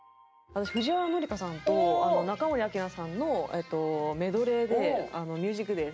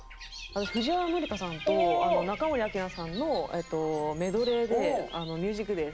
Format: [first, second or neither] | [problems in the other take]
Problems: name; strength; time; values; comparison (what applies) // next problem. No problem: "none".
first | background sound (Bird / Dog); 15 dB below the speech